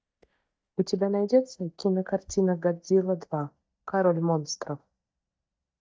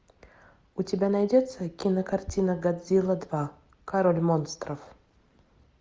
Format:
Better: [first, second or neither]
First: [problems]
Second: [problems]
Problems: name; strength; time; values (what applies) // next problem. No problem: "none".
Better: second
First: noise reduction (neural mask model DeepFilterNet 3)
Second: none